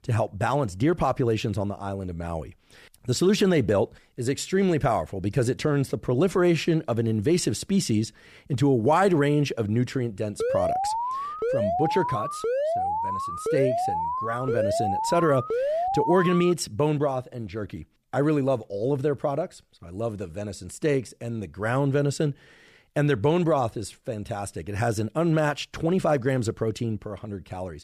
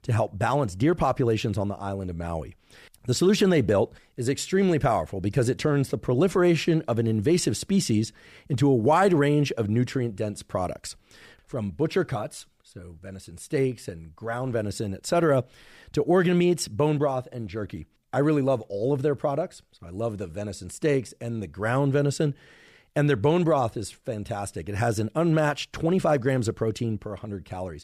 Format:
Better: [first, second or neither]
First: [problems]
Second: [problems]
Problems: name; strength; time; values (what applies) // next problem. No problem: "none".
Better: second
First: alarm; loud; from 10 to 17 s; peak level with the speech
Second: none